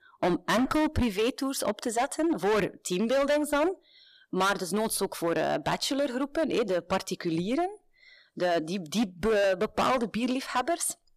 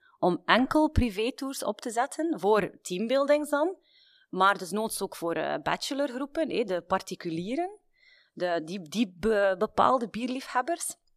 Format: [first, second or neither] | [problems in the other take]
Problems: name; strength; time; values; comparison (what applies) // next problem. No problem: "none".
second | distortion; heavy; 13% of the sound clipped